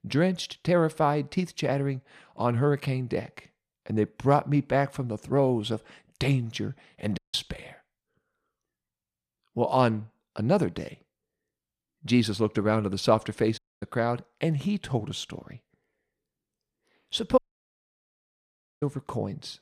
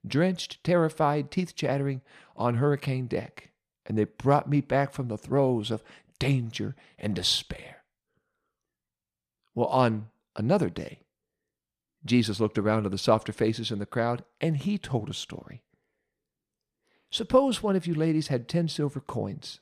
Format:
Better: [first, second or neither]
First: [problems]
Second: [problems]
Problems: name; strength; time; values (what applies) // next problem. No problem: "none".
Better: second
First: audio cutting out; at 7 s, at 14 s and at 17 s for 1.5 s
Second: none